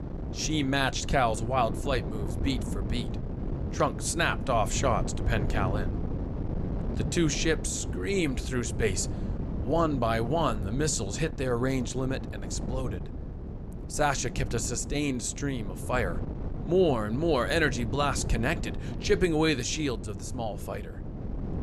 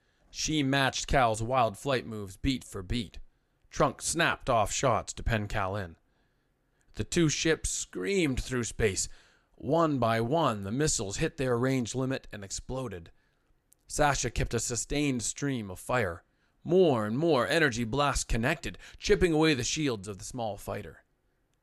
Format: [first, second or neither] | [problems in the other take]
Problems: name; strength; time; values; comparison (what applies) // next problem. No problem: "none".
second | wind noise on the microphone; occasional gusts; 15 dB below the speech